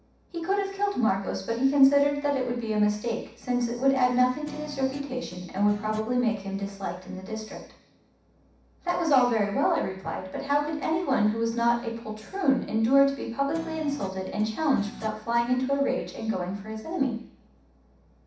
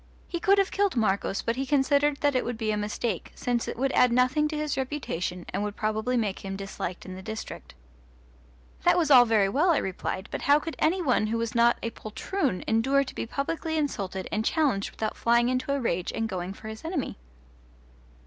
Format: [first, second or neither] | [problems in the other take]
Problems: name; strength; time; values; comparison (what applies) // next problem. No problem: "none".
second | background sound (Guitar); 18 dB below the speech // room echo; dies away in 0.7 s